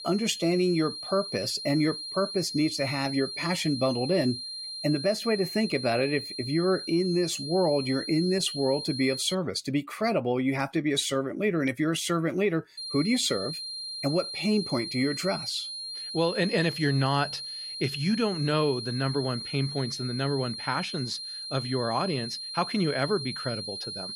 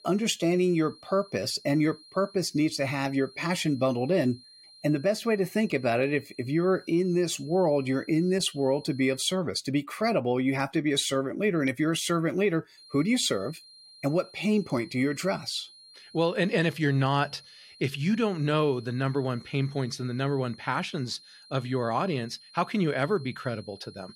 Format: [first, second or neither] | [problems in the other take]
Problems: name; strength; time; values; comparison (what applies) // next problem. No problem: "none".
second | high-pitched whine; loud; until 9.5 s and from 13 s on; 4 kHz, 7 dB below the speech; faint in the second